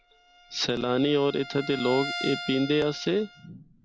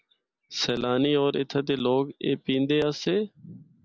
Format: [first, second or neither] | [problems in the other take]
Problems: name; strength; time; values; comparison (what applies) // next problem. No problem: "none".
second | background sound (Bowed string instrument); 12 dB below the speech